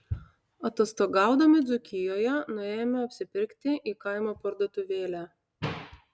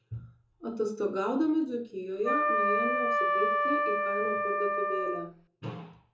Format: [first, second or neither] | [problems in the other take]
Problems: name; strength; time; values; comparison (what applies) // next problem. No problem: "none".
first | background sound (Wind instrument, woodwind instrument); 5 dB above the speech // room echo; dies away in 0.6 s